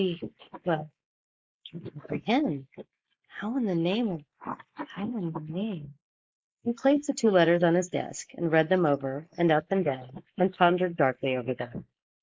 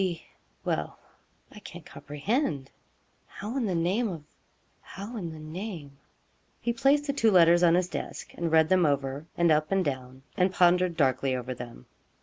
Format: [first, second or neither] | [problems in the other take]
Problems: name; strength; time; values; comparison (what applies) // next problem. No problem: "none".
second | noise reduction (neural mask model Resemble Enhance denoiser)